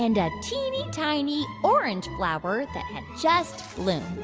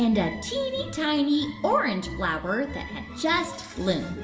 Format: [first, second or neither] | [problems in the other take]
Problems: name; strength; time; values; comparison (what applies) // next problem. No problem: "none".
first | room echo; dies away in 0.6 s